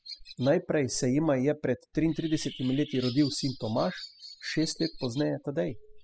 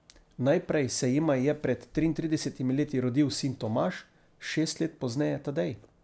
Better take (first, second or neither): second